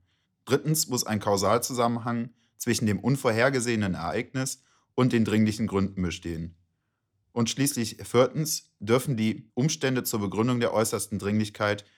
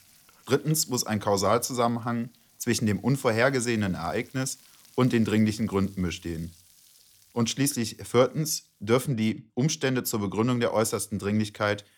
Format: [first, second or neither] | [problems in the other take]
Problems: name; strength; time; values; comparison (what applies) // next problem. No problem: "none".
first | household noises; faint; throughout; 30 dB below the speech